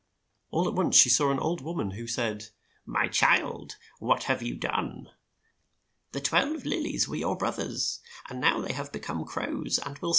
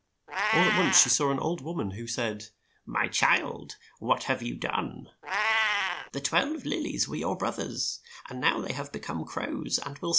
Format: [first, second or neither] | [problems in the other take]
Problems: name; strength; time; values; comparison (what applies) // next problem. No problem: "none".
first | background sound (Meow); 6 dB below the speech